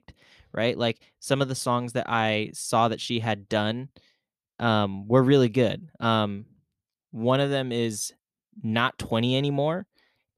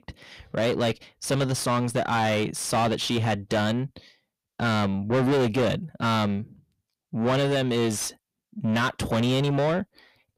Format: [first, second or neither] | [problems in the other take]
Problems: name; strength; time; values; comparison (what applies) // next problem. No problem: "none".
first | distortion; heavy; 5 dB below the speech